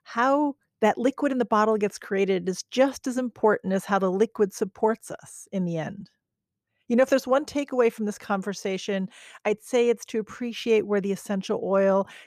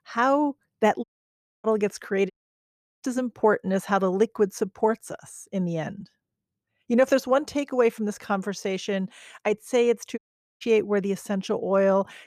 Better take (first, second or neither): first